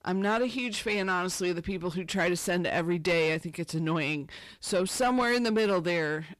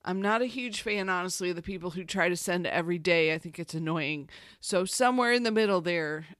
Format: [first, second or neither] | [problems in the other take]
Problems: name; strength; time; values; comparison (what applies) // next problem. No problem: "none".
second | distortion; slight; 10 dB below the speech